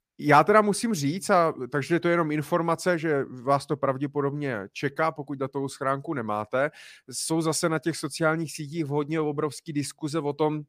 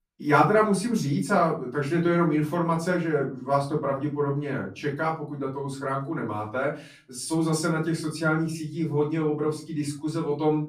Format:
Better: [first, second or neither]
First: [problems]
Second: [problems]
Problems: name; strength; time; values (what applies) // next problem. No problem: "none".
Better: first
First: none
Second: room echo; slight; dies away in 0.4 s // off-mic speech; far